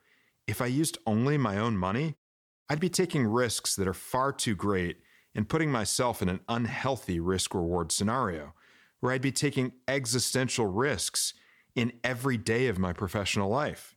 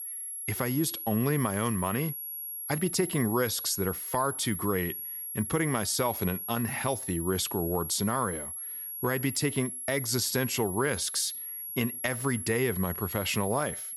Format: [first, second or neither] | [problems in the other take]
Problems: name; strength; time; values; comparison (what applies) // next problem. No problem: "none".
first | high-pitched whine; loud; throughout; 11 kHz, 5 dB below the speech